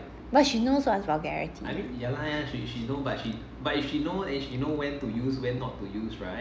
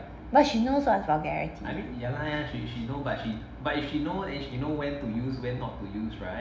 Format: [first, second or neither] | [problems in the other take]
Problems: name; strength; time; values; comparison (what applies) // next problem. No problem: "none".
first | room echo; dies away in 0.5 s